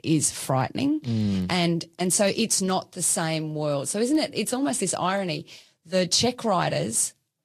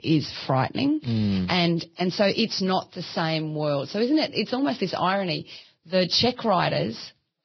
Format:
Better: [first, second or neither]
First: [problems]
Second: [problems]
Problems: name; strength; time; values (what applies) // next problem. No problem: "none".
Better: first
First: garbled, watery; slightly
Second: garbled, watery; badly; nothing above 5.5 kHz